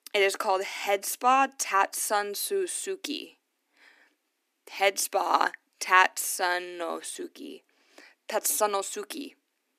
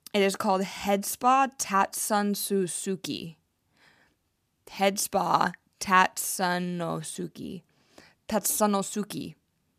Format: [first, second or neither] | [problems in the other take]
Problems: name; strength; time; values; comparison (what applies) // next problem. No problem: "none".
second | thin; somewhat; fading below 250 Hz